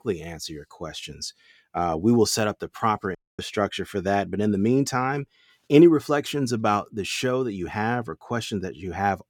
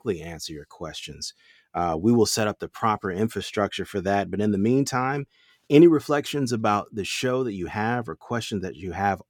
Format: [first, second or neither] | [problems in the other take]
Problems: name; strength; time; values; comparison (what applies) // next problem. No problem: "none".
second | audio cutting out; at 3 s